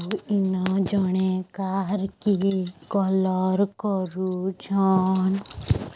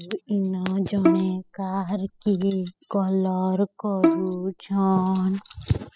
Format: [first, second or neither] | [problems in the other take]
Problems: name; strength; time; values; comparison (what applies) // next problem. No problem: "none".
first | noise reduction (classical method spectral subtraction)